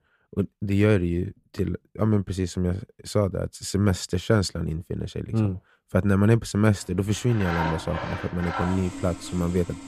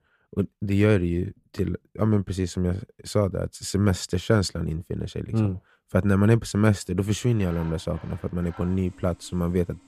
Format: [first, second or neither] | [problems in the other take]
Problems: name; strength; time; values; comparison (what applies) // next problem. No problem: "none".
second | machinery noise; loud; from 7 s on; 8 dB below the speech; faint in the second